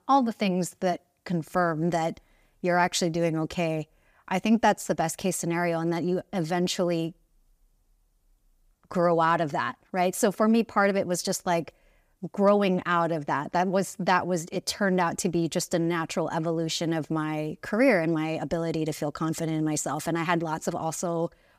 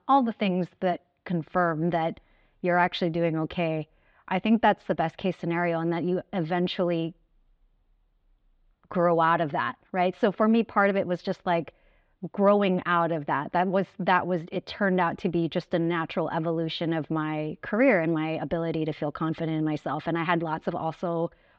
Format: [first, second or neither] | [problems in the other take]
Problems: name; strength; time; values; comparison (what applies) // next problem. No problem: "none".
first | muffled; very; fading above 3.5 kHz